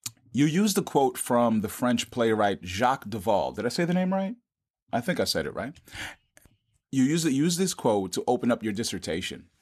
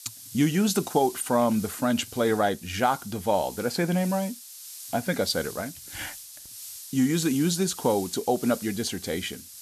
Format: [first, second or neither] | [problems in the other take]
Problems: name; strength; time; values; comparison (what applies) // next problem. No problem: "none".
first | hiss; noticeable; throughout; 15 dB below the speech